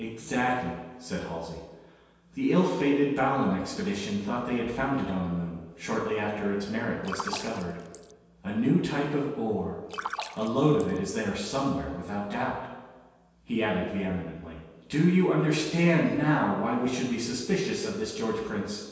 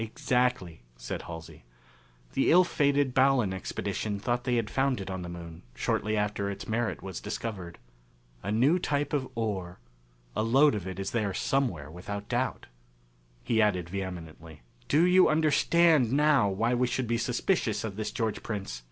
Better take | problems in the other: second | background sound (Splash, splatter); 10 dB below the speech // room echo; dies away in 1.2 s

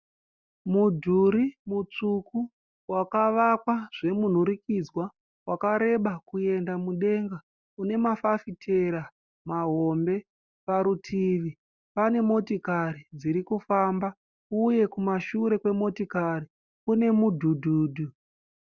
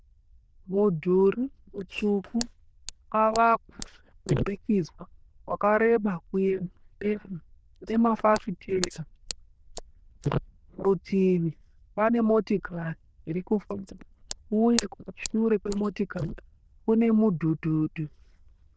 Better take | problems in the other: first | noise reduction (neural diffusion model UNIVERSE++)

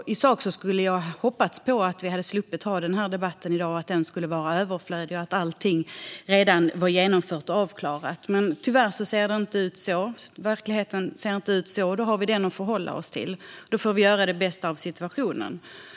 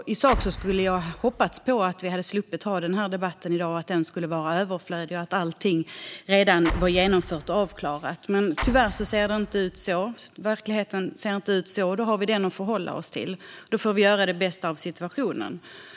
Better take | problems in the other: first | background sound (Explosion); 9 dB below the speech

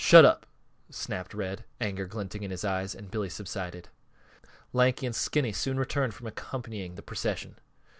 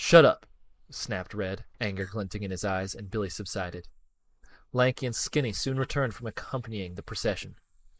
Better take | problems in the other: first | noise reduction (neural mask model Resemble Enhance denoiser)

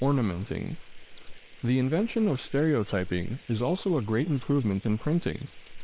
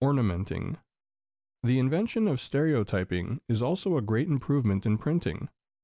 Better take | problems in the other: second | noise reduction (neural separator model SepFormer WHAM!)

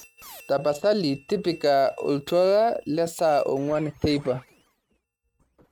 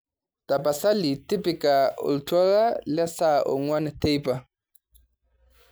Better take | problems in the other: second | noise reduction (neural mask model RNNoise)

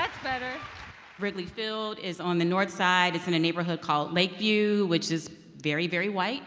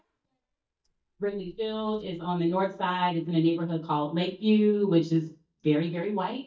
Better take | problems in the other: first | noise reduction (neural mask model DeepFilterNet 3)

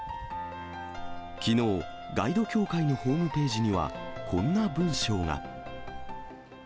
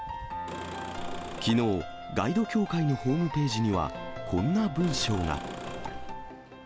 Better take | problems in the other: first | background sound (Engine / Car); 12 dB below the speech

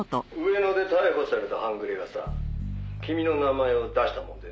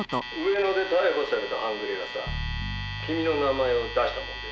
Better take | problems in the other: first | background sound (Alarm); 10 dB below the speech

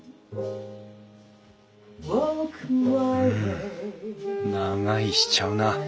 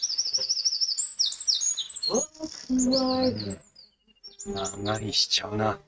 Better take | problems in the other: first | noise reduction (neural mask model RNNoise)

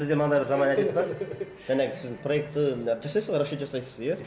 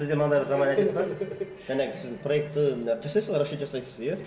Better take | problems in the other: first | room echo; dies away in 1.2 s

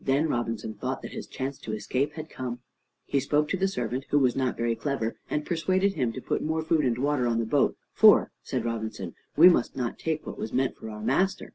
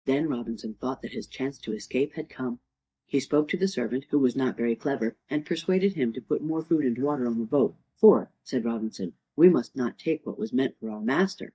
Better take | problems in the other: first | noise reduction (neural mask model DeepFilterNet 3)

